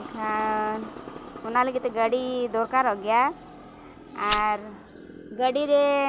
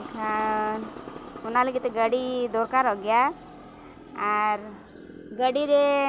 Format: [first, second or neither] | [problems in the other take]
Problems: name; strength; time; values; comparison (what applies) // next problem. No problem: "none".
second | background sound (Glass); 14 dB below the speech